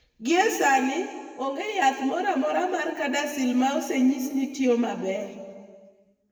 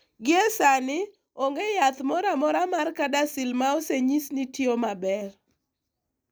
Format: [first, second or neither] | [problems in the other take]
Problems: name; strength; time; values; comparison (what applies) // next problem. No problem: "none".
second | room echo; dies away in 1.6 s